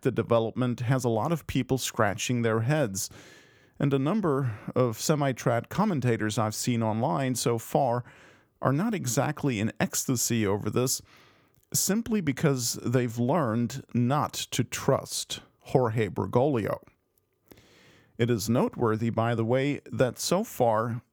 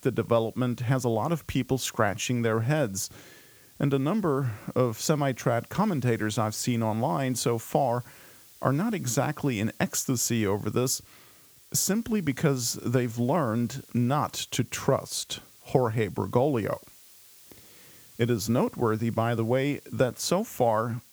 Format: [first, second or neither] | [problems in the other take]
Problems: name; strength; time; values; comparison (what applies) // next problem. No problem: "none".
first | hiss; faint; throughout; 25 dB below the speech